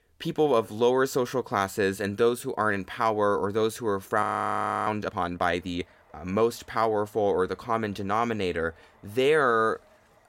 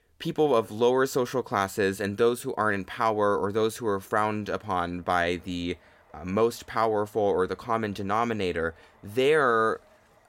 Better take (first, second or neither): second